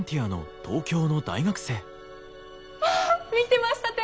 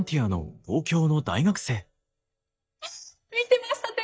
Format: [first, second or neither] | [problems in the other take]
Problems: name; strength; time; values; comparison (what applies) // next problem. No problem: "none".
first | noise reduction (neural mask model DeepFilterNet 3)